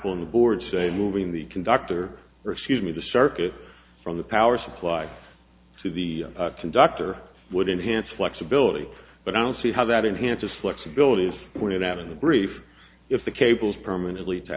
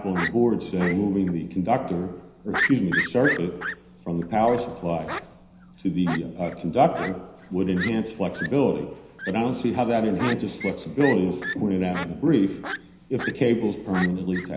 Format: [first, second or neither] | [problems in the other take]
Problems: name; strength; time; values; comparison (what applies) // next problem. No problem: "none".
first | background sound (Fowl); 10 dB below the speech // room echo; dies away in 0.9 s